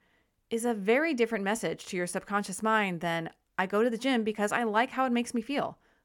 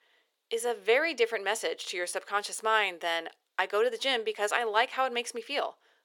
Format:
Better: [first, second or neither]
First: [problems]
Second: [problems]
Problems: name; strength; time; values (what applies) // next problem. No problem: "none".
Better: first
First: none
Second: thin; very; fading below 400 Hz